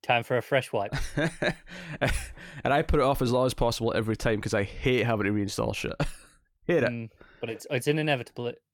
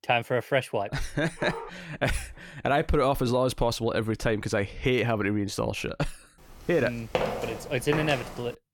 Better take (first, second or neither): first